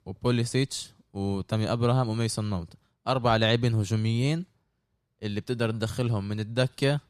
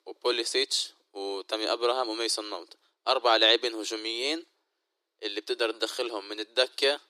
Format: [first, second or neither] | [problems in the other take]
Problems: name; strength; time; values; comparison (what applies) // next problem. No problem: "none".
first | thin; very; fading below 300 Hz